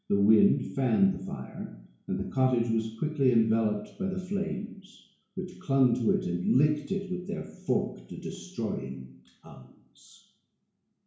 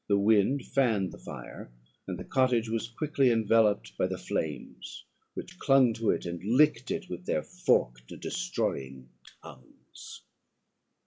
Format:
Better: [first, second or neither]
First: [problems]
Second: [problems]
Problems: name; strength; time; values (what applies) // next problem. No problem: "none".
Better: second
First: room echo; dies away in 0.6 s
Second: none